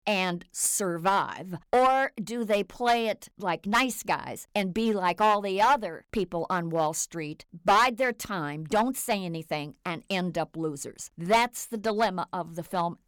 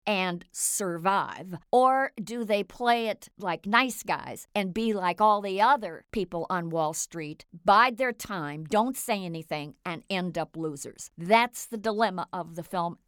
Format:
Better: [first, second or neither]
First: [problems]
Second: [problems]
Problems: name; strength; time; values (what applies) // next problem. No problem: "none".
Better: second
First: distortion; slight; 3% of the sound clipped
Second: none